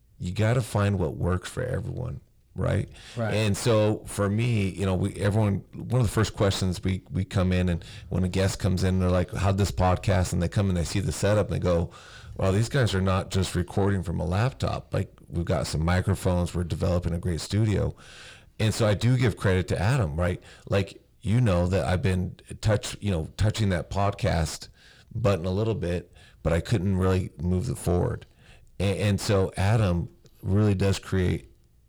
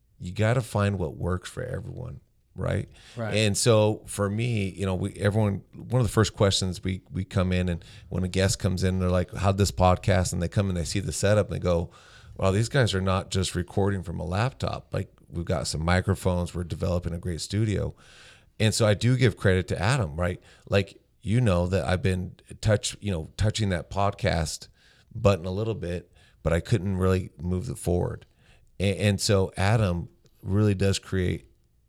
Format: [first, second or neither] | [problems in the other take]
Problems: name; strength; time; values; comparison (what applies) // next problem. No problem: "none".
second | distortion; slight; 9 dB below the speech